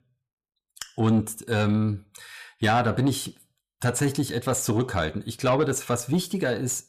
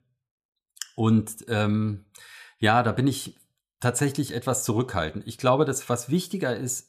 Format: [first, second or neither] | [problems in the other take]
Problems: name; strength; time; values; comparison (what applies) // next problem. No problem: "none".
second | distortion; slight; 10 dB below the speech